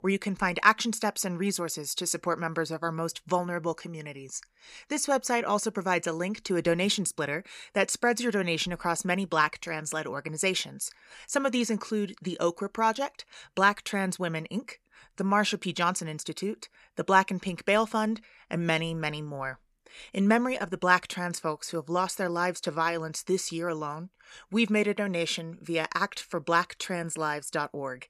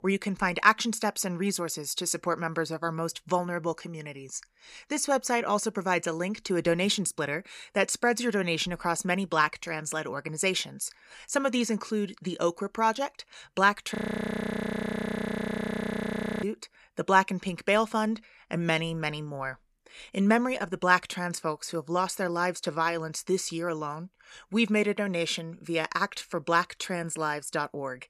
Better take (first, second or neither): first